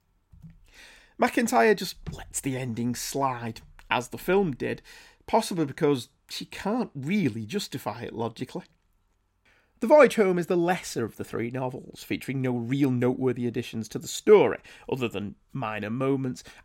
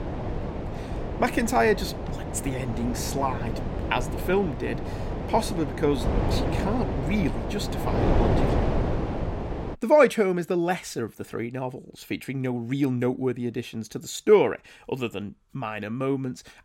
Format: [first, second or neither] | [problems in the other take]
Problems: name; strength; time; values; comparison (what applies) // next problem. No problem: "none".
first | wind noise on the microphone; heavy; until 9.5 s; 6 dB below the speech